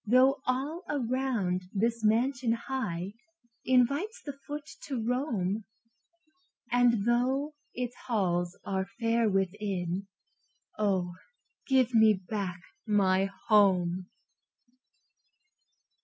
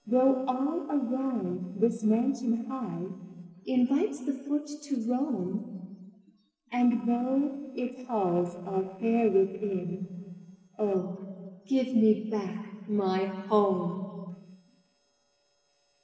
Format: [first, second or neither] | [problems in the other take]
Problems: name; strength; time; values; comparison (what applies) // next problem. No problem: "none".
first | noise reduction (neural separator model SepFormer DNS4)